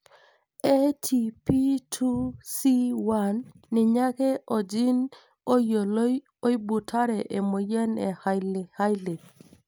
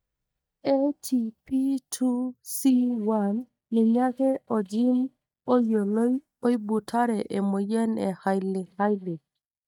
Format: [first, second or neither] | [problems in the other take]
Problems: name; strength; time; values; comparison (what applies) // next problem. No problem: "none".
first | noise reduction (neural mask model DeepFilterNet 3)